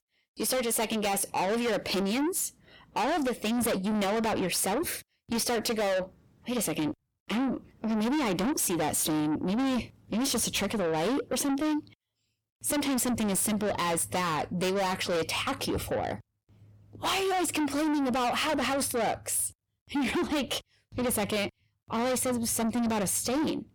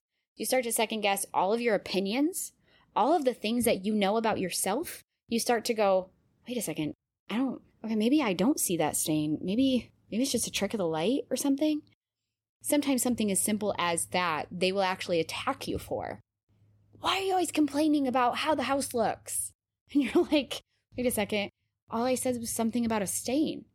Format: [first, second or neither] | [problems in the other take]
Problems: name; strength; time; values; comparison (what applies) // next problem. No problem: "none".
second | distortion; heavy; 6 dB below the speech